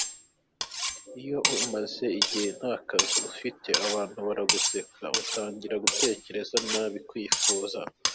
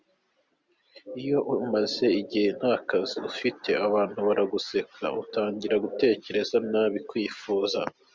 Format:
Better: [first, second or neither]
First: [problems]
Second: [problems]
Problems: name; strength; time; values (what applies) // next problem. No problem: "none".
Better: second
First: background sound (Cutlery, silverware); 2 dB above the speech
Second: none